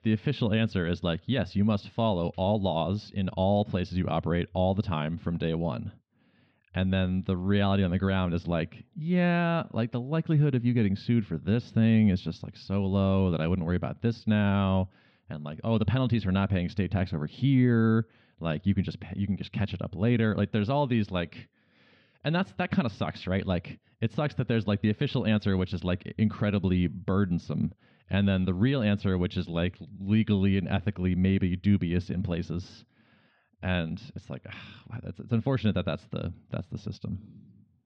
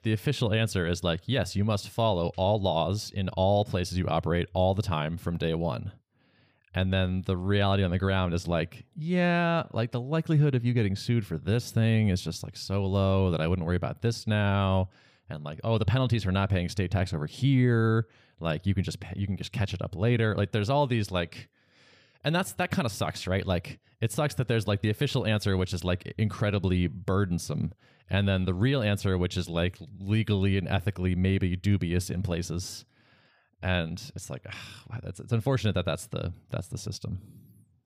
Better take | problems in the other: second | muffled; slightly; fading above 4 kHz

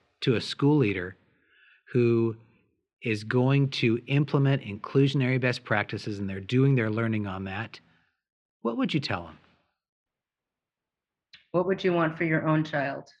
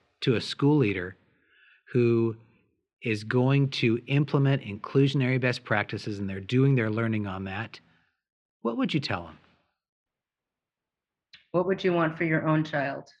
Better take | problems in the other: neither | muffled; slightly; fading above 2.5 kHz; the same in both

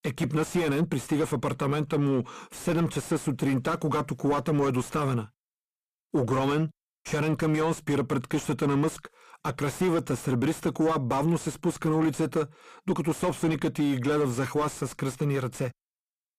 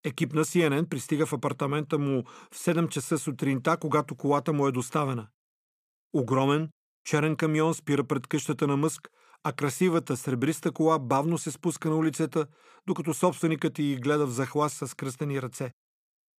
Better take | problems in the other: second | distortion; heavy; 7 dB below the speech

